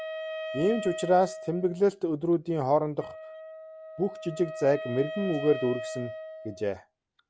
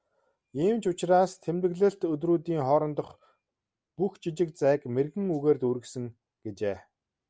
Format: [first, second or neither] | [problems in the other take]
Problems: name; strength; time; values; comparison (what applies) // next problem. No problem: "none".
second | background sound (Wind instrument, woodwind instrument); 10 dB below the speech